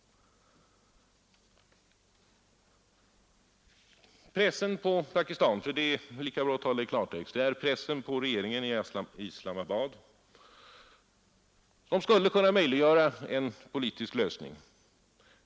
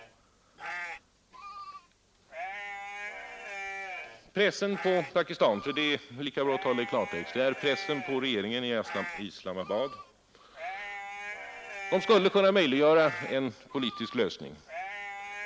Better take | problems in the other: first | background sound (Livestock, farm animals, working animals); 11 dB below the speech

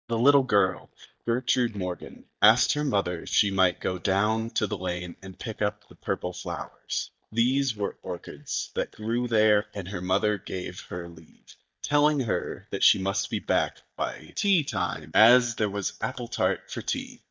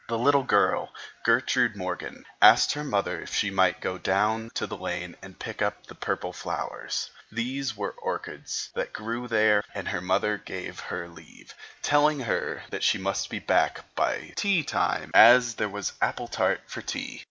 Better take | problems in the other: second | noise reduction (neural mask model DeepFilterNet 3)

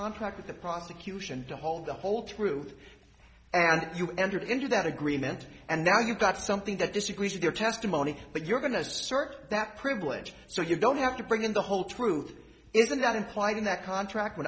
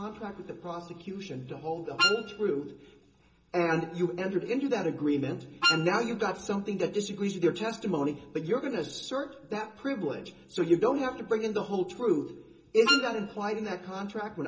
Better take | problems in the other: first | background sound (Wind instrument, woodwind instrument); 1 dB above the speech // room echo; dies away in 0.2 s

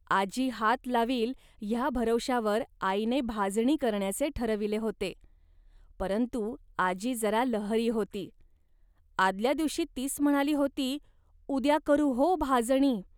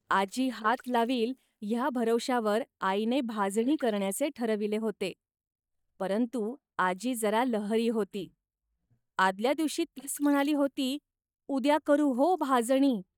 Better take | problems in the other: first | noise reduction (neural mask model DeepFilterNet 3)

